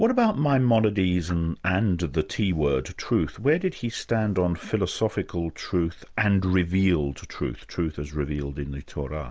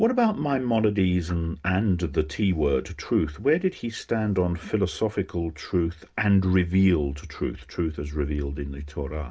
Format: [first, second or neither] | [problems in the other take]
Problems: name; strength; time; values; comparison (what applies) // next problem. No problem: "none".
first | room echo; dies away in 0.3 s